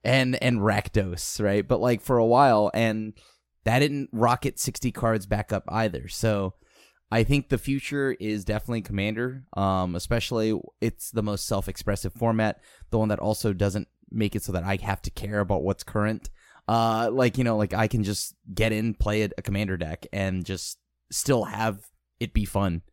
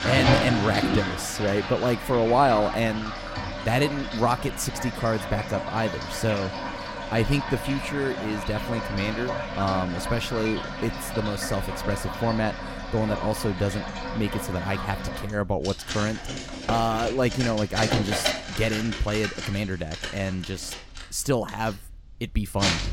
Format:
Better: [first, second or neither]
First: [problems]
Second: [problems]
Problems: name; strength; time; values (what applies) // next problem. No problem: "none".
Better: first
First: none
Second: household noises; loud; throughout; 4 dB below the speech